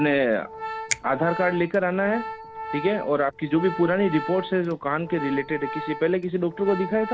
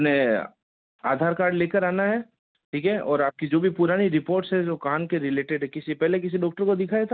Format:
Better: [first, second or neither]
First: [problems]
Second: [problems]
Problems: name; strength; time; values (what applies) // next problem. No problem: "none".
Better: second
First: background sound (Finger snapping + Organ); 10 dB below the speech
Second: none